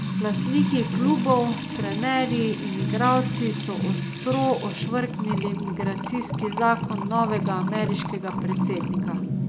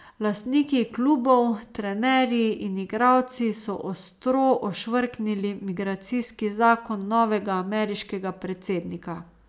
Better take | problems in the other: second | background sound (Trickle, dribble / Water tap, faucet / Music + Tambourine); 1 dB below the speech

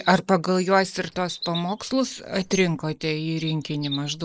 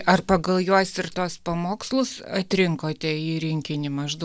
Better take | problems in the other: second | noise reduction (neural mask model Resemble Enhance denoiser)

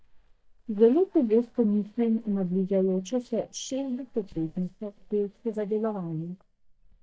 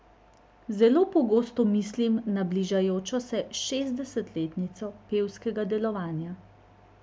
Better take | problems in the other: second | noise reduction (neural mask model DeepFilterNet 3)

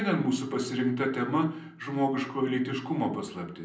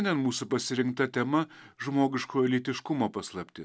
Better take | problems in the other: second | room echo; dies away in 0.6 s

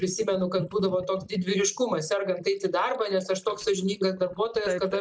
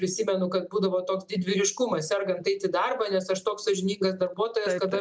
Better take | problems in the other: second | noise reduction (neural mask model Resemble Enhance denoiser)

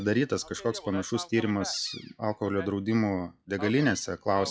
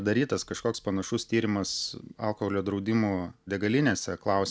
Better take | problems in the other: second | noise reduction (classical method log-MMSE)

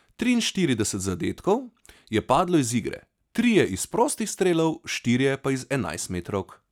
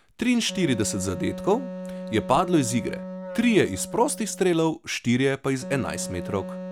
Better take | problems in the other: first | background sound (Wind instrument, woodwind instrument); 11 dB below the speech

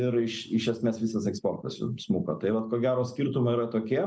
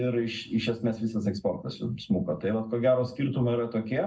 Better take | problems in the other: first | room echo; dies away in 0.3 s

